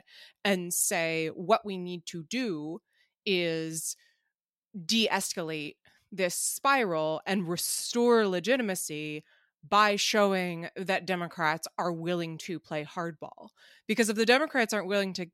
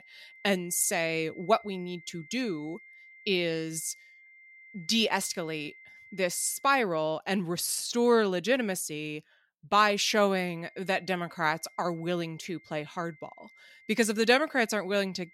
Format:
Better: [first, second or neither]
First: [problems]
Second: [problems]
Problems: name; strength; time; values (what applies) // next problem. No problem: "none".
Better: first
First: none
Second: high-pitched whine; faint; until 6.5 s and from 10 s on; 2 kHz, 25 dB below the speech